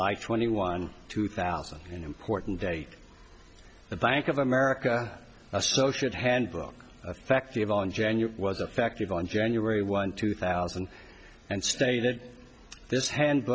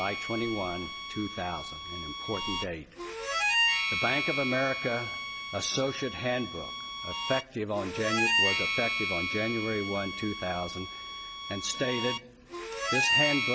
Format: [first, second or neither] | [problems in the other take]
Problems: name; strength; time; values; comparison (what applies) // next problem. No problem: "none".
first | background sound (Harmonica); 1 dB above the speech